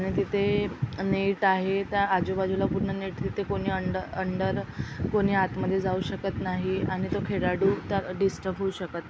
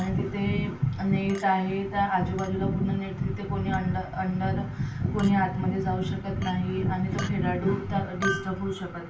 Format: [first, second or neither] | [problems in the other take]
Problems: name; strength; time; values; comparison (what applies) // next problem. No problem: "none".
first | background sound (Chink, clink); 16 dB below the speech // room echo; dies away in 0.3 s